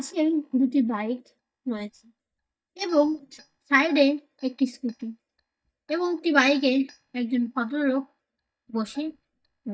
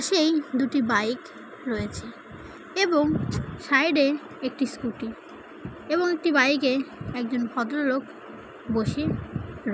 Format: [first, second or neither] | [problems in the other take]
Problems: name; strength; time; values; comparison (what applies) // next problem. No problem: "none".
second | noise reduction (neural mask model DeepFilterNet 3)